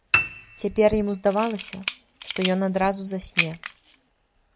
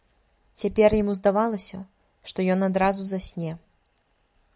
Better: second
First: background sound (Camera + Piano); 5 dB below the speech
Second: none

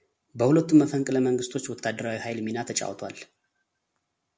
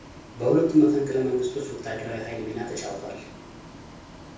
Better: first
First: none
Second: background sound (Bus); 18 dB below the speech // room echo; dies away in 0.6 s

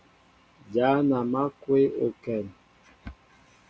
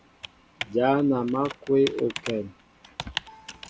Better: first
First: none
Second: background sound (Computer keyboard); 13 dB below the speech

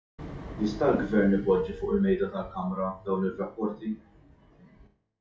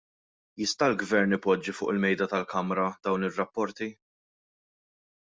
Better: second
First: noise reduction (classical method WPE with log-MMSE)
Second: none

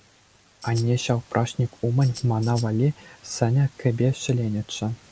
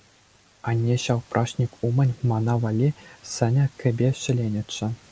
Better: second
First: background sound (Tambourine); 17 dB below the speech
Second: none

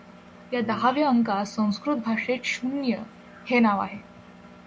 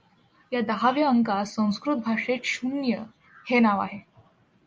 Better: second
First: background sound (Brass instrument + Engine); 20 dB below the speech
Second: none

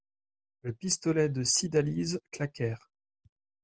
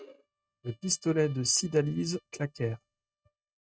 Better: first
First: none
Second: noise reduction (neural mask model RNNoise)

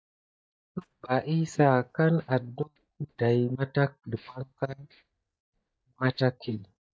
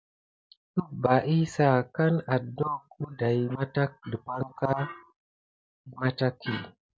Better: second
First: noise reduction (neural mask model DeepFilterNet 3)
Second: none

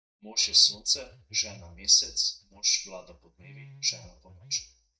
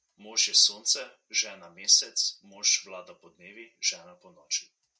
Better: second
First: noise reduction (neural mask model DeepFilterNet 3)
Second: none

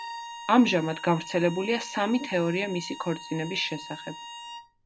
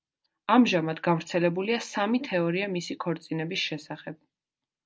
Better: second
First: background sound (Bowed string instrument); 14 dB below the speech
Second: none

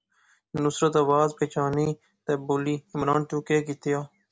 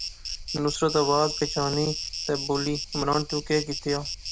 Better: first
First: none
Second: background sound (Insect); 7 dB below the speech

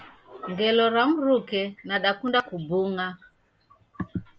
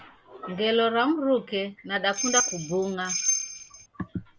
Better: first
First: none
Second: background sound (Bell); 1 dB below the speech

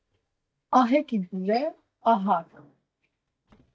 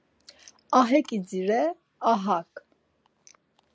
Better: second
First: noise reduction (neural mask model DeepFilterNet 3)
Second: none

